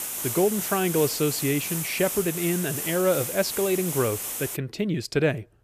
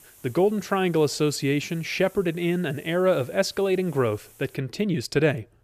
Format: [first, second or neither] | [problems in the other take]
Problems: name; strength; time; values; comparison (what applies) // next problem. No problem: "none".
second | hiss; loud; until 4.5 s; 3 dB below the speech; faint in the second